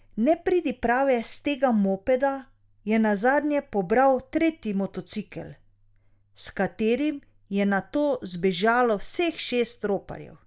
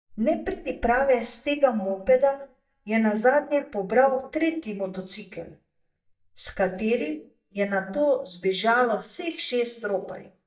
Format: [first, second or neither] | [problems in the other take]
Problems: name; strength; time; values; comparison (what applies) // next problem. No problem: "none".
first | noise reduction (neural mask model DeepFilterNet 3)